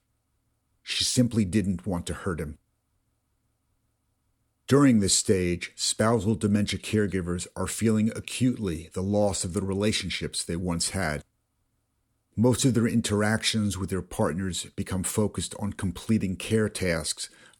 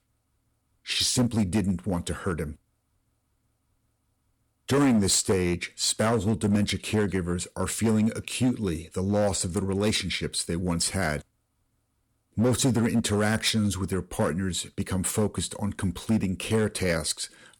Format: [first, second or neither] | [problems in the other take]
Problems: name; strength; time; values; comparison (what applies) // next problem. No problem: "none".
first | distortion; slight; 5% of the sound clipped